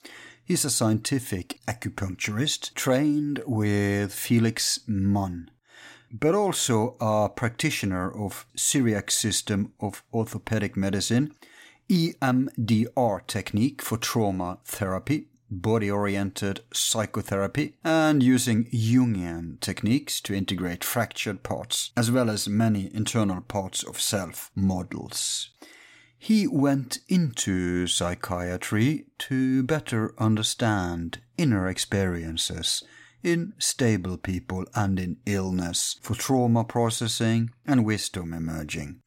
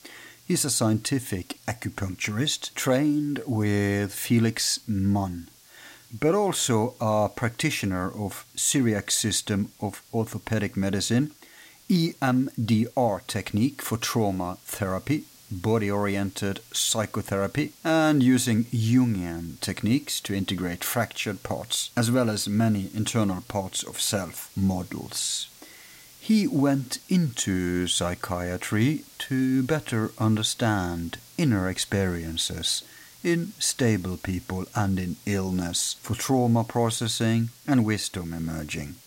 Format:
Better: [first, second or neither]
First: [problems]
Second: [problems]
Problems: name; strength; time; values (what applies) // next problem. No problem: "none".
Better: first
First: none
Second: hiss; faint; throughout; 25 dB below the speech